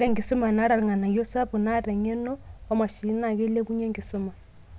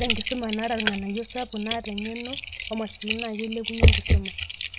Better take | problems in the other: first | background sound (Typing); 5 dB above the speech

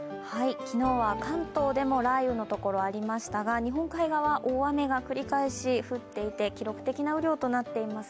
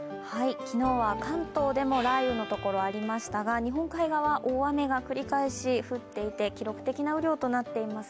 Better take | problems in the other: first | background sound (Bowed string instrument); 13 dB below the speech

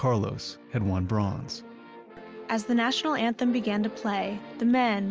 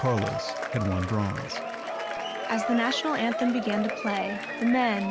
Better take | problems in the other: first | background sound (Applause / Crowd / Cheering); 5 dB below the speech

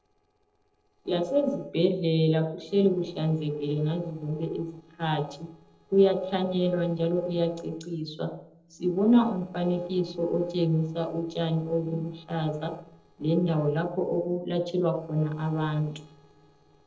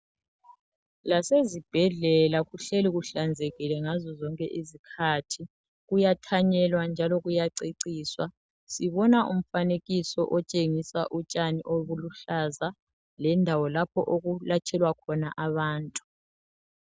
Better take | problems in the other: second | noise reduction (neural separator model SepFormer DNS4)

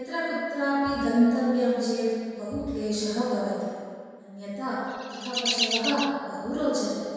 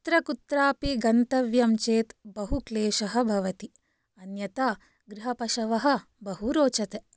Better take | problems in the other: second | background sound (Chirp, tweet); 5 dB below the speech // room echo; dies away in 1.9 s

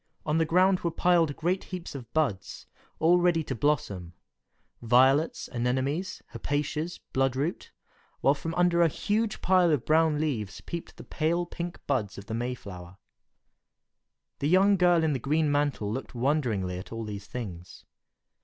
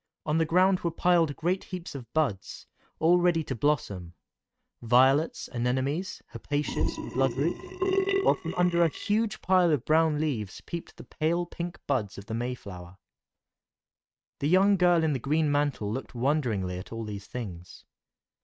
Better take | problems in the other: first | noise reduction (neural mask model RNNoise)

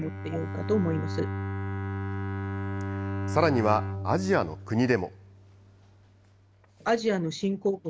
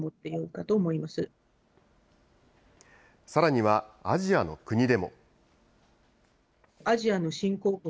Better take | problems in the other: second | background sound (Bowed string instrument); 5 dB below the speech

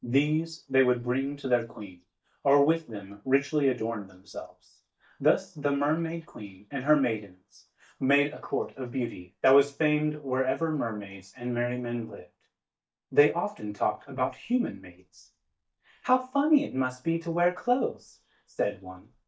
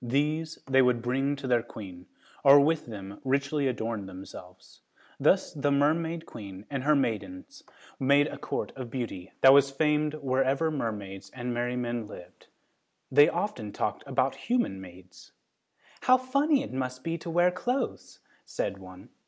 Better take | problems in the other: second | noise reduction (neural mask model DeepFilterNet 3)

